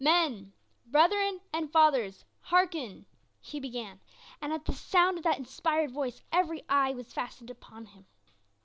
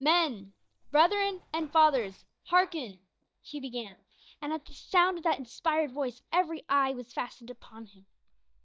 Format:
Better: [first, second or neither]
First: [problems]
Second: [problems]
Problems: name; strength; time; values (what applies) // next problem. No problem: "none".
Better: first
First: none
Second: noise reduction (neural mask model DeepFilterNet 3)